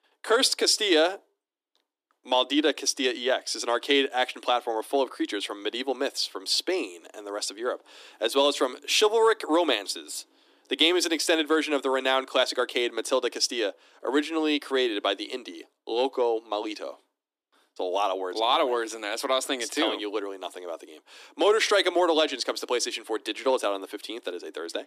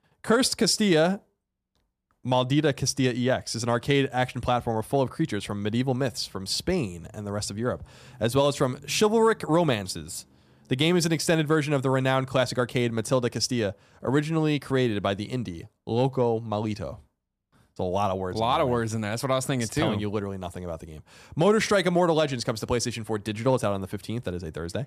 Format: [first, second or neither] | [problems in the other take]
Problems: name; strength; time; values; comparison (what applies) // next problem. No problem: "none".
second | thin; somewhat; fading below 300 Hz